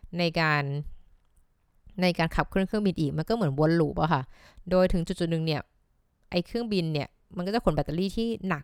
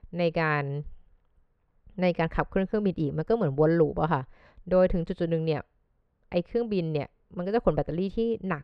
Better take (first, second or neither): first